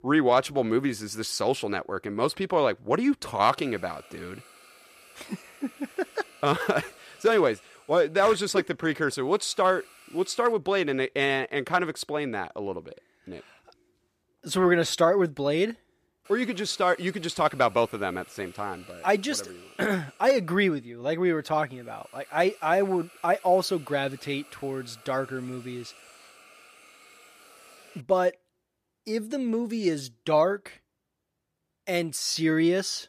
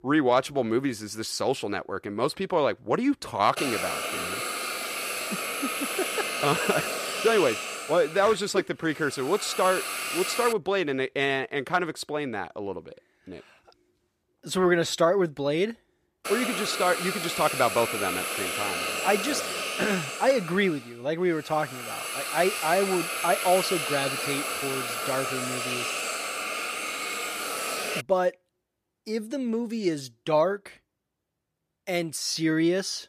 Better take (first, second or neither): first